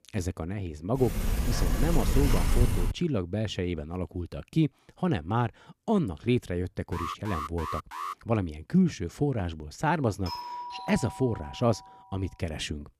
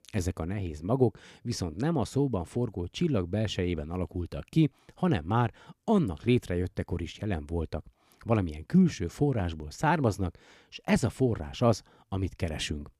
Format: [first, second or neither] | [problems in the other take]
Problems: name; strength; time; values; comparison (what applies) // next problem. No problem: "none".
second | door banging; loud; from 1 to 3 s; peak 3 dB above the speech // alarm; noticeable; from 7 to 8 s; peak 5 dB below the speech // doorbell; noticeable; from 10 to 12 s; peak 6 dB below the speech